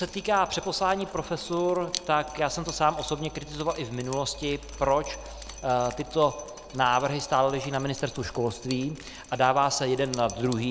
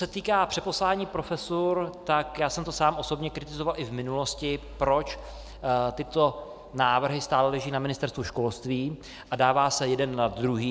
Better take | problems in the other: second | background sound (Drip); 17 dB below the speech

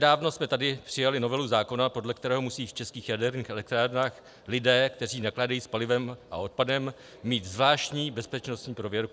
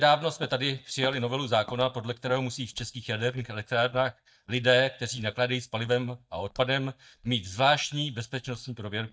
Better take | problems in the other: first | noise reduction (neural mask model DeepFilterNet 3)

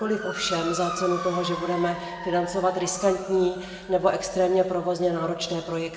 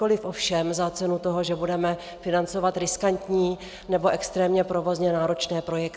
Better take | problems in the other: second | background sound (Motor vehicle (road) / Siren); 12 dB below the speech // room echo; dies away in 1.3 s

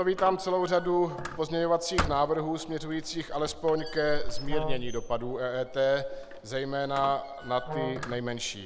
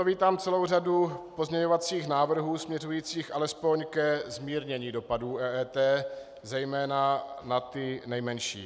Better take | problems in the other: second | background sound (Brass instrument + Squeak); 5 dB below the speech

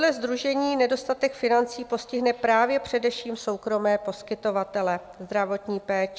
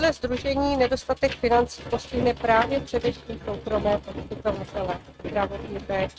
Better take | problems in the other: first | noise reduction (neural mask model RNNoise)

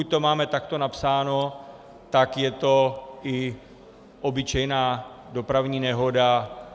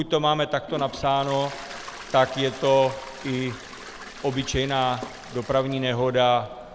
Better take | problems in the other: first | background sound (Toilet flush); 16 dB below the speech

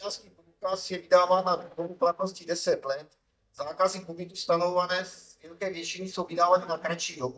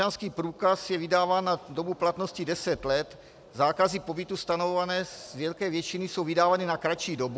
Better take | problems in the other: second | noise reduction (neural mask model DeepFilterNet 3)

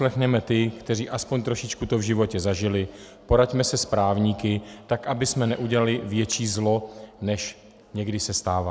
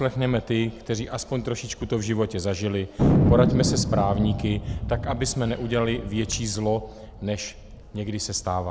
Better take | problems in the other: first | background sound (Thunder); 2 dB below the speech

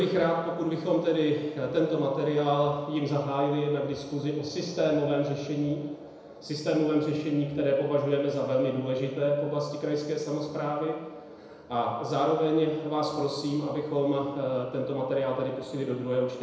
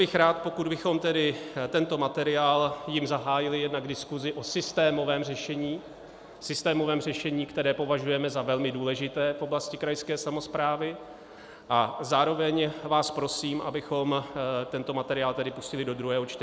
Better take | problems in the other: second | room echo; dies away in 1 s

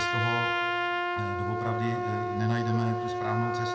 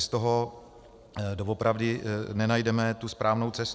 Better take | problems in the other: second | background sound (Trumpet); 2 dB above the speech // room echo; dies away in 1.9 s

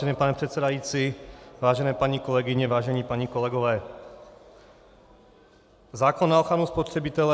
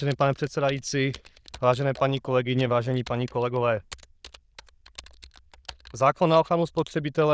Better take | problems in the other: first | noise reduction (neural diffusion model UNIVERSE++)

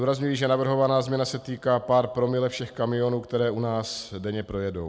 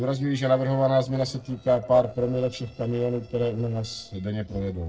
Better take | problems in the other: first | noise reduction (neural separator model SepFormer DNS4)

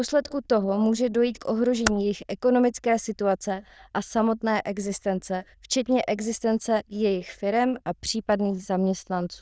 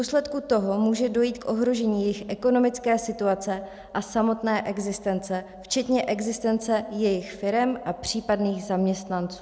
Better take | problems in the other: second | noise reduction (neural diffusion model UNIVERSE++)

